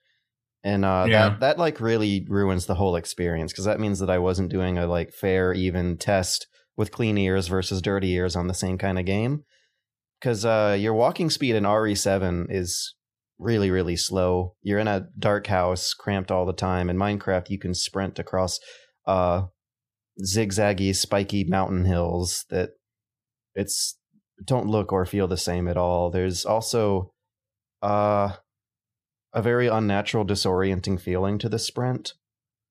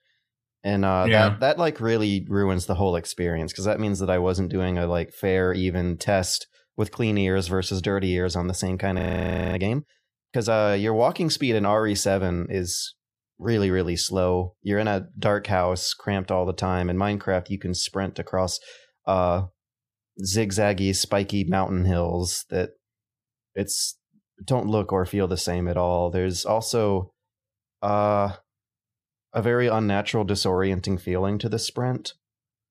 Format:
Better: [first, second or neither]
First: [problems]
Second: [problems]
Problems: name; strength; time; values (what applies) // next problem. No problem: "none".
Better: first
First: none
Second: audio freezing; at 9 s for 0.5 s